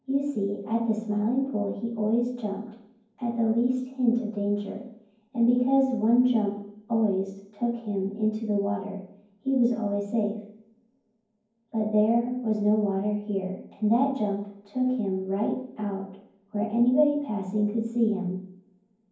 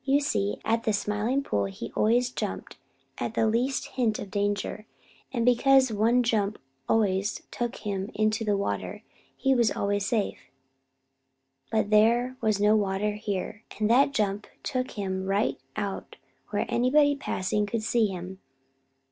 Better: second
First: room echo; dies away in 0.9 s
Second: none

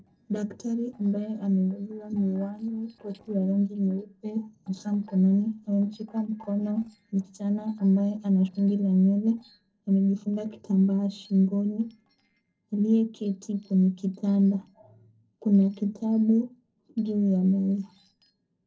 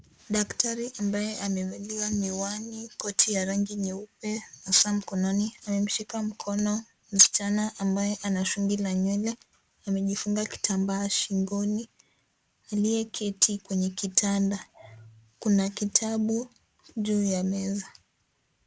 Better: second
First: noise reduction (neural separator model SepFormer DNS4)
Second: none

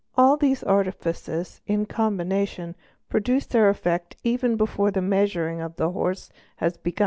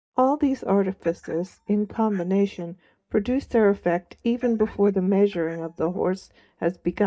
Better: first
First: none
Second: noise reduction (neural mask model DeepFilterNet 3)

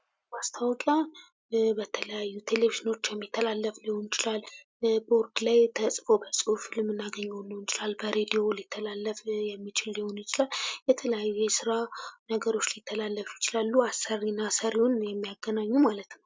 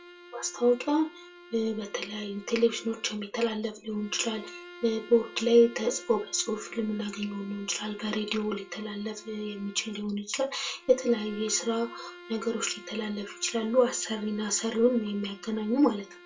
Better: first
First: none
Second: background sound (Bowed string instrument); 20 dB below the speech // room echo; dies away in 0.2 s

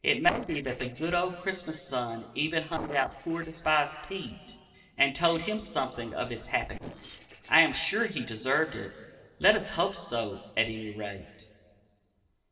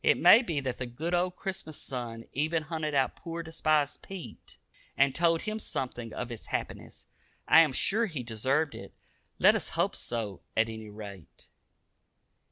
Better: second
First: noise reduction (neural separator model SepFormer DNS4)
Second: none

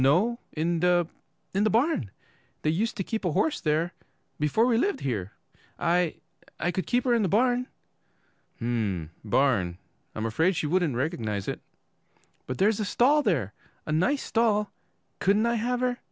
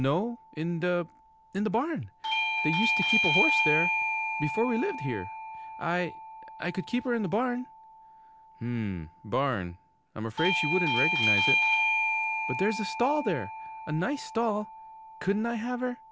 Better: first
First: none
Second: background sound (Bell / Doorbell); as loud as the speech

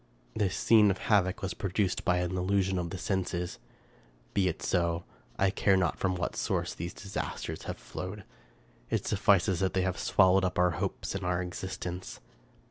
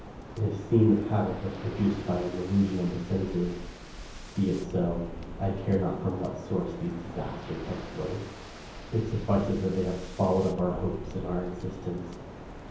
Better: first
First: none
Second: background sound (Waves, surf); 11 dB below the speech // room echo; dies away in 0.9 s

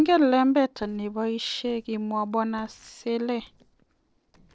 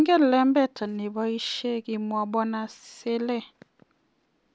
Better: second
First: noise reduction (neural separator model SepFormer DNS4)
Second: none

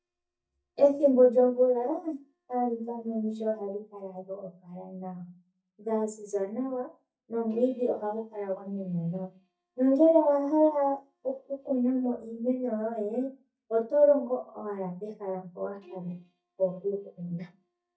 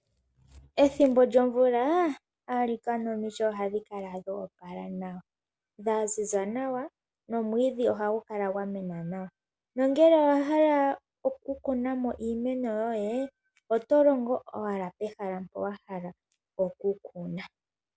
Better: second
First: noise reduction (neural mask model DeepFilterNet 3)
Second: none

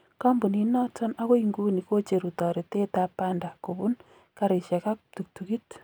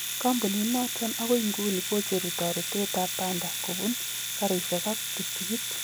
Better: first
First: none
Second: background sound (Domestic sounds, home sounds); 2 dB below the speech

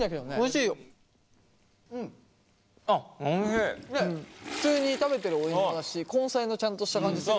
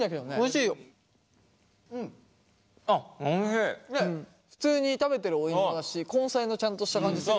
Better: second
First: background sound (Toilet flush); 16 dB below the speech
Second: none

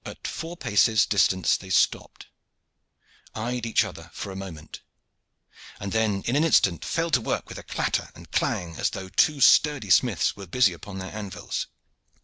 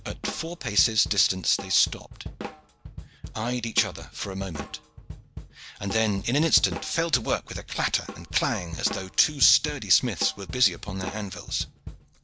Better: first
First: none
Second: background sound (Drum kit); 12 dB below the speech

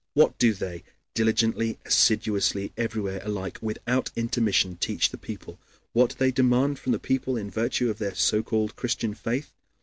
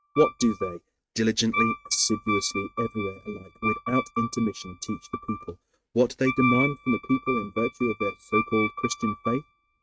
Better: first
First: none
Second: noise reduction (neural mask model RNNoise)

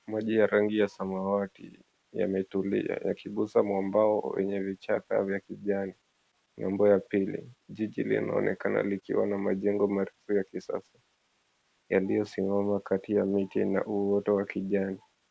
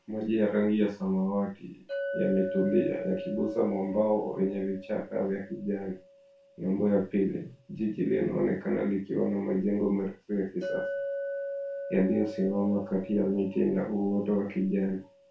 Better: first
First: none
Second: background sound (Chink, clink); 11 dB below the speech // room echo; dies away in 0.2 s

